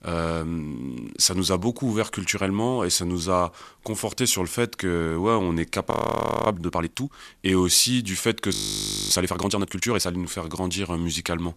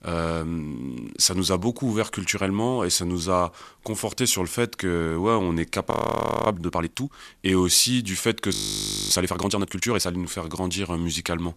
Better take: neither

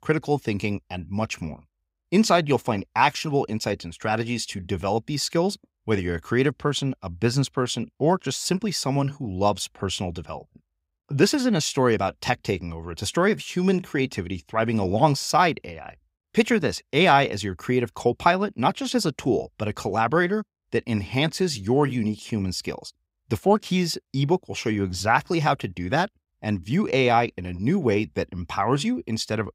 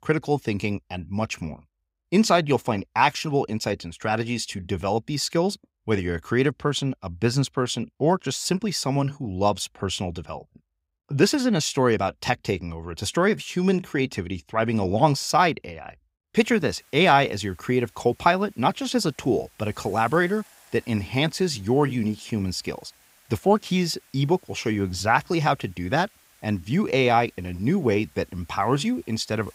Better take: first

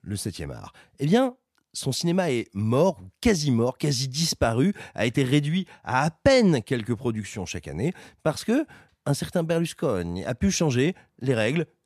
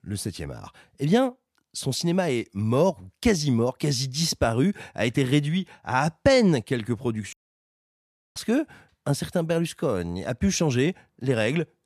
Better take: first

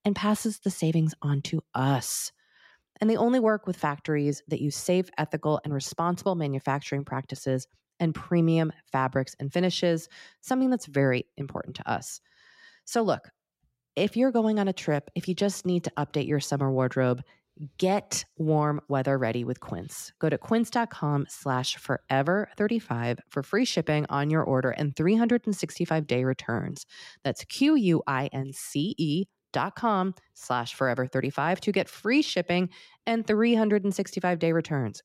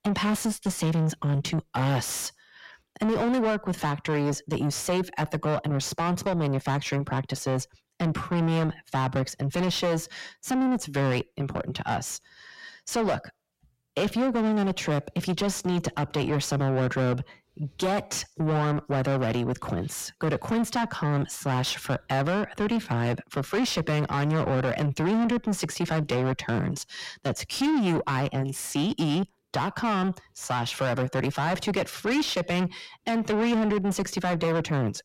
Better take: first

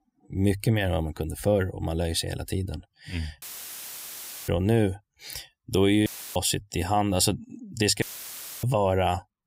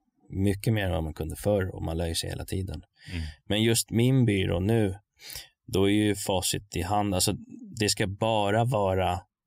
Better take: second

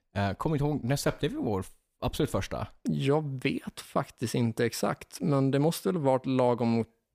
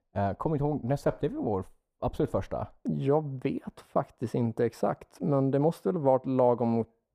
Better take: first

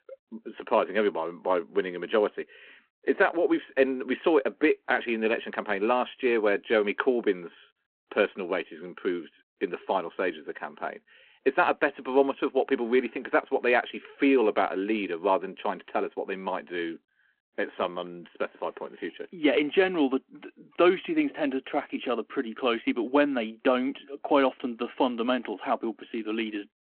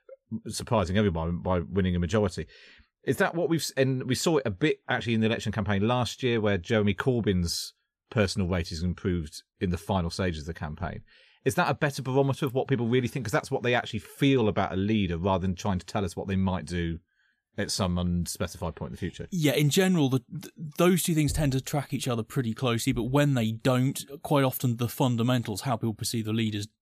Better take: second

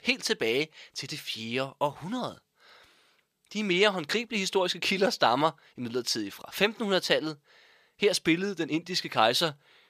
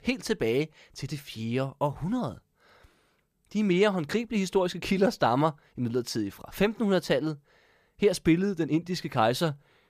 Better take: second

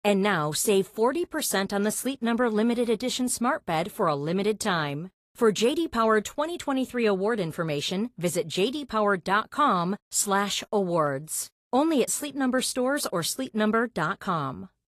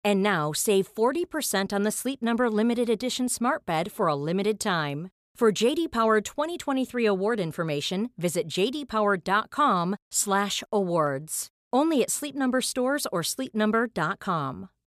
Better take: second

